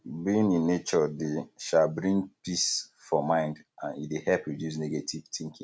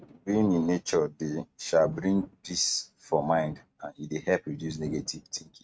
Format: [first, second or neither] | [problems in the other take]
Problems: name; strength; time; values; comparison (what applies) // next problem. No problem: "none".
first | noise reduction (neural mask model RNNoise)